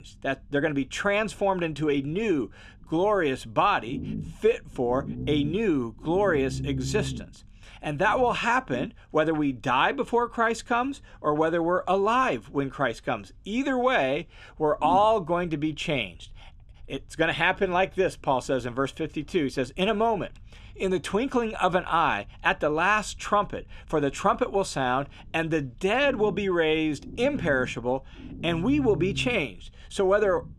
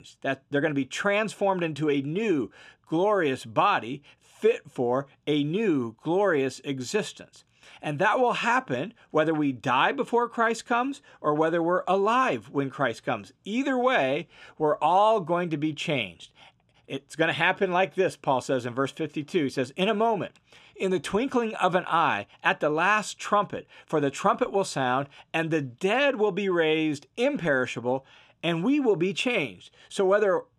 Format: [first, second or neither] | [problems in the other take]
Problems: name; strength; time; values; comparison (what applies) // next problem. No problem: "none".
second | low rumble; noticeable; throughout; 20 dB below the speech